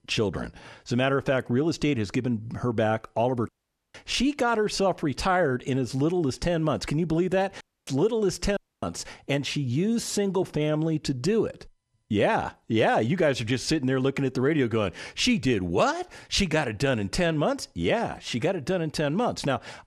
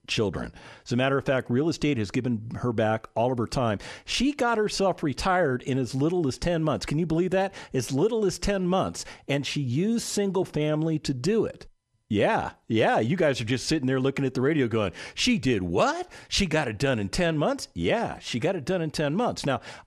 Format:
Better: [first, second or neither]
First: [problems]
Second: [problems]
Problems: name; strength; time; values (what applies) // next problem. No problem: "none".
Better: second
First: audio cutting out; at 3.5 s, at 7.5 s and at 8.5 s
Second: none